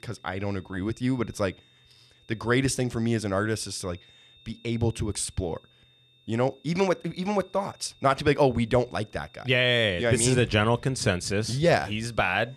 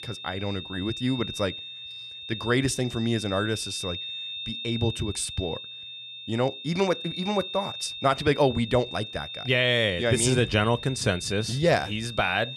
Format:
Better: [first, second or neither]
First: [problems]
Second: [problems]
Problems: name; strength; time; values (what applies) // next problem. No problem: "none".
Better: first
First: high-pitched whine; faint; throughout; 3.5 kHz, 30 dB below the speech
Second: high-pitched whine; loud; throughout; 3.5 kHz, 9 dB below the speech